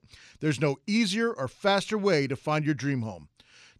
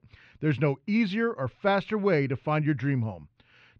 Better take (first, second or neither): first